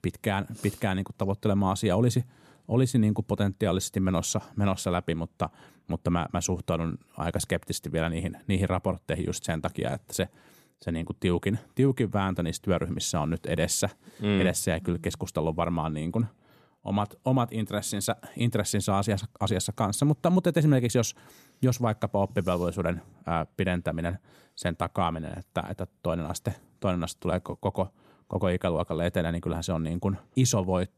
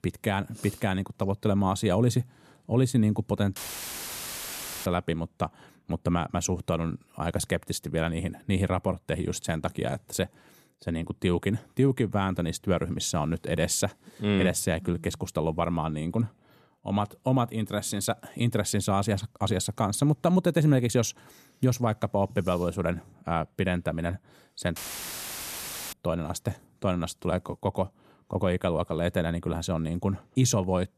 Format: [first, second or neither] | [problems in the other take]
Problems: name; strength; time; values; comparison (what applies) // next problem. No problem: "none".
first | audio cutting out; filled with static; at 3.5 s for 1.5 s and at 25 s for 1 s